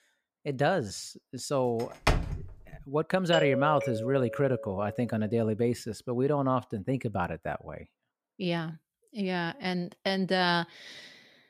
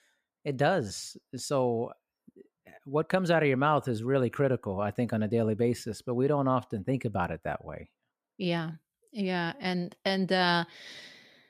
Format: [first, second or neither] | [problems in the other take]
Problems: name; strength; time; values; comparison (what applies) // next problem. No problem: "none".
second | door banging; loud; at 2 s; peak 1 dB above the speech // doorbell; loud; from 3.5 to 5 s; peak level with the speech